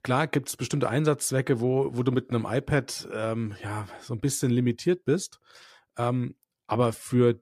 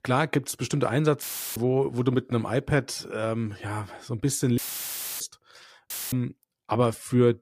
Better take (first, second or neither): first